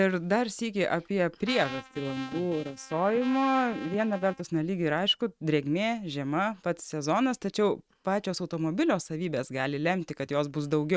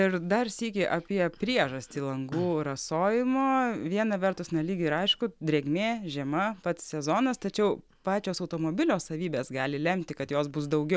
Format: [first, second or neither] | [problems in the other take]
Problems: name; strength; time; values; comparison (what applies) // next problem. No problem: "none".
second | noise reduction (neural mask model RNNoise)